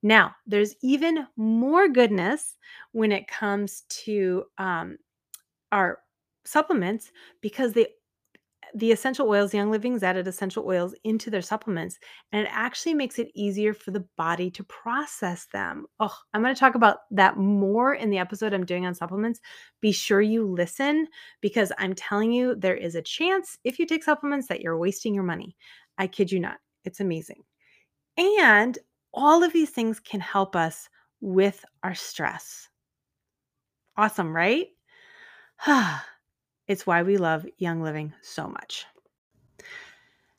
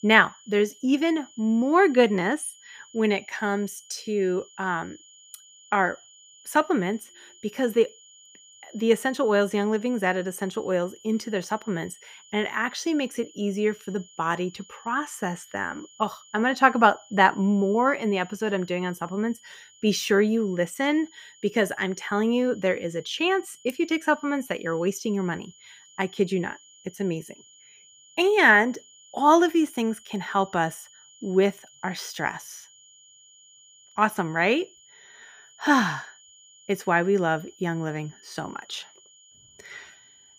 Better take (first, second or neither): first